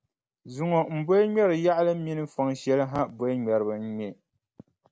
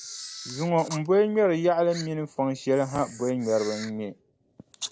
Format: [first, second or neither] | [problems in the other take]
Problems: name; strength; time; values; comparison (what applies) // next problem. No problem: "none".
first | background sound (Camera); 16 dB below the speech